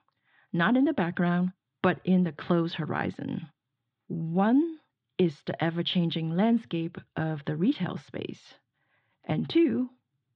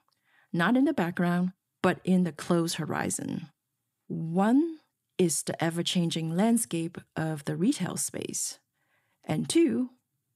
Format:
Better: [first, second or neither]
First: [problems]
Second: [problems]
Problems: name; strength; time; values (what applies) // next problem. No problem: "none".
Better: second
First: muffled; very; fading above 3.5 kHz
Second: none